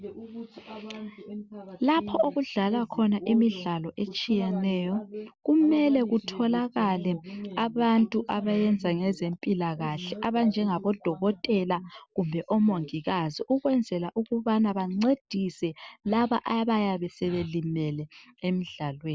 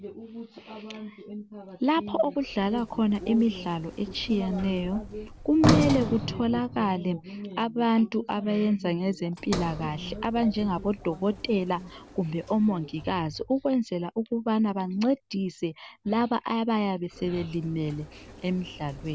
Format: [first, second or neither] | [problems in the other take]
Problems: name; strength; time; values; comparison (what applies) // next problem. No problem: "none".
first | background sound (Sliding door); 9 dB below the speech